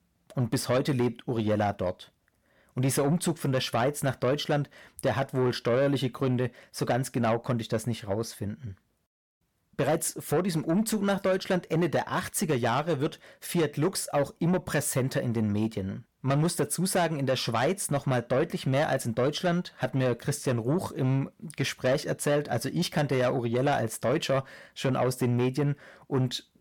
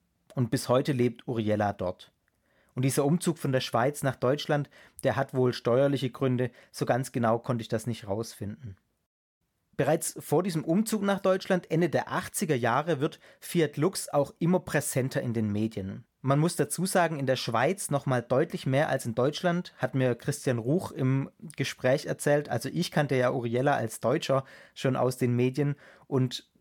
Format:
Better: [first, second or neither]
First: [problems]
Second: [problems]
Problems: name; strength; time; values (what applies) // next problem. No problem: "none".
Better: second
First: distortion; slight; 10 dB below the speech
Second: none